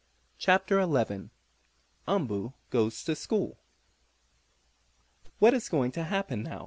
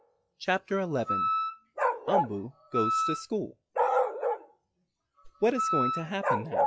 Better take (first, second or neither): first